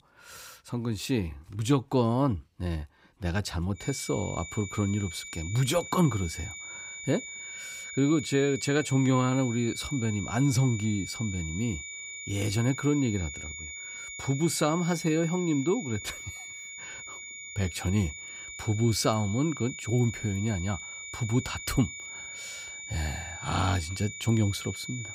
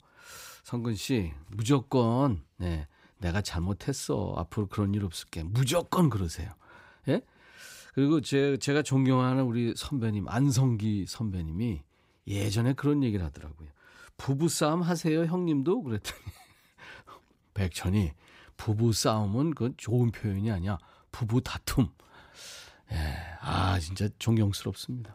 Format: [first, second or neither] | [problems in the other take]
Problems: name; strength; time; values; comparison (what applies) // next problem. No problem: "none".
second | high-pitched whine; loud; from 4 s on; 2.5 kHz, 9 dB below the speech